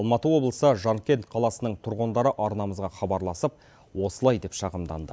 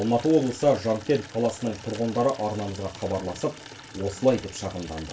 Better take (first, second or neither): first